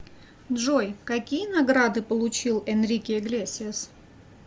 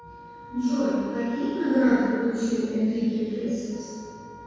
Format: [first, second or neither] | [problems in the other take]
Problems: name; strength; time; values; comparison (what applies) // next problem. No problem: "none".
first | background sound (Wind instrument, woodwind instrument); 17 dB below the speech // room echo; dies away in 2 s